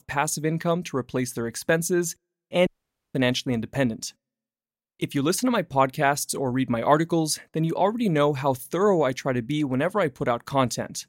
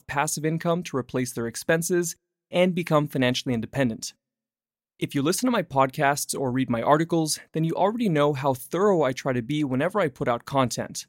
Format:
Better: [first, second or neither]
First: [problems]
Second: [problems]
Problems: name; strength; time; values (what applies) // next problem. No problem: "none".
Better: second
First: audio cutting out; at 2.5 s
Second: none